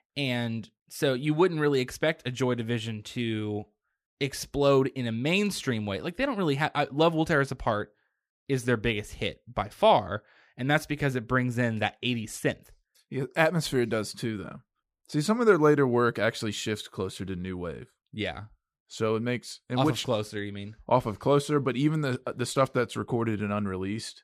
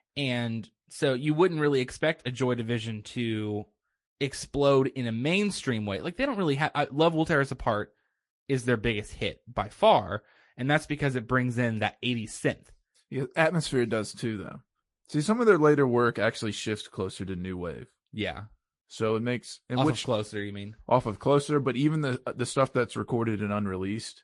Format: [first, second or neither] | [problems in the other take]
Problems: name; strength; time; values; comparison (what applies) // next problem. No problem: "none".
first | garbled, watery; slightly; nothing above 11 kHz